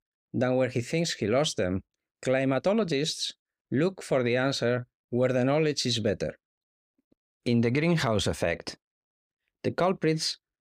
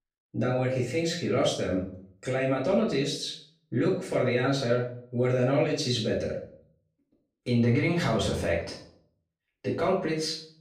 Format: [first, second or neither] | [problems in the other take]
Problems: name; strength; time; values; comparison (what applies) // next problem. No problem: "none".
first | off-mic speech; far // room echo; noticeable; dies away in 0.5 s